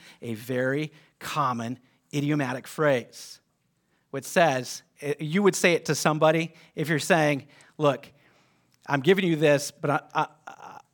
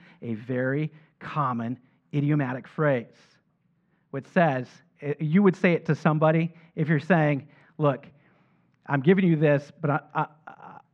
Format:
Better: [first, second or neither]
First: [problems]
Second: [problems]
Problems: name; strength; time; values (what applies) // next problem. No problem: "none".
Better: first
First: none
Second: muffled; very; fading above 2 kHz